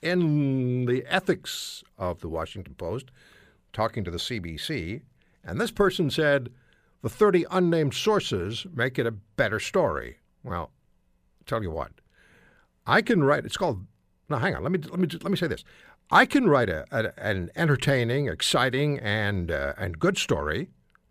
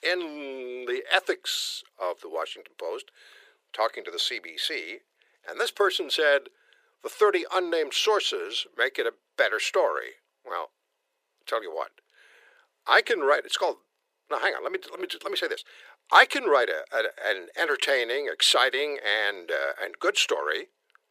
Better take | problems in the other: first | thin; very; fading below 400 Hz

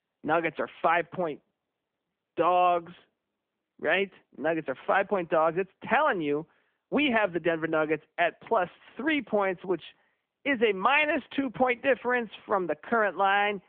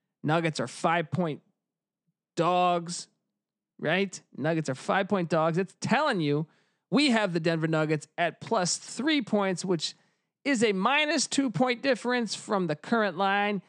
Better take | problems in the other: second | phone-call audio

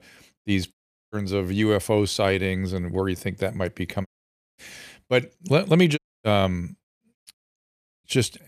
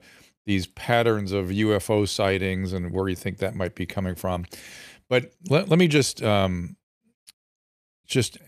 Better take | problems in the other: second | audio cutting out; at 0.5 s, at 4 s for 0.5 s and at 6 s

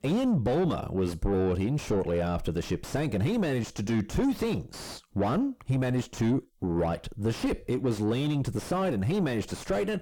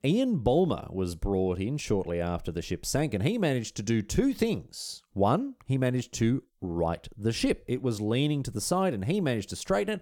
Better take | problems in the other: second | distortion; heavy; 5 dB below the speech

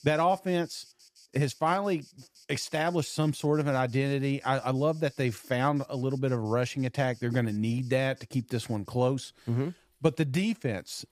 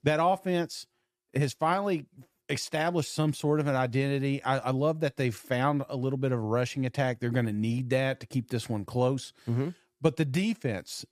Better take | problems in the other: second | animal sounds; faint; throughout; 25 dB below the speech

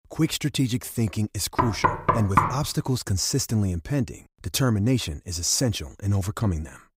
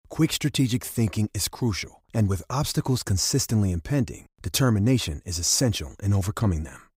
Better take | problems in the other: second | door banging; loud; at 1.5 s; peak 4 dB above the speech

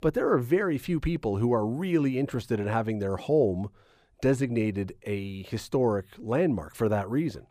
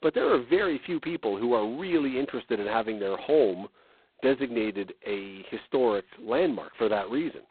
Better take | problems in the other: first | phone-call audio; poor line; nothing above 4 kHz

